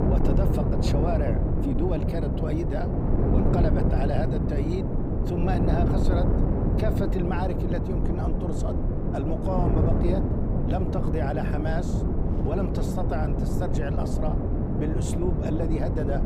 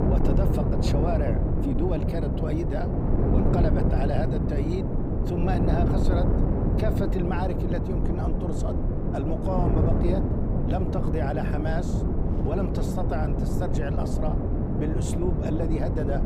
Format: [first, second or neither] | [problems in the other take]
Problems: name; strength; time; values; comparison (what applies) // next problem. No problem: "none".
neither | wind noise on the microphone; heavy; as loud as the speech; the same in both